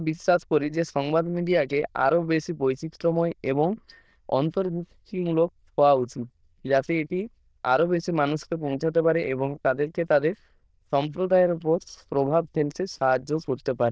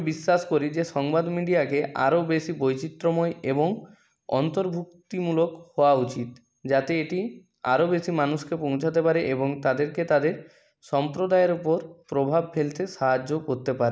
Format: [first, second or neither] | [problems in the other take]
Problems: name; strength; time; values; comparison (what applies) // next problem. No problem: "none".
second | noise reduction (neural diffusion model UNIVERSE++)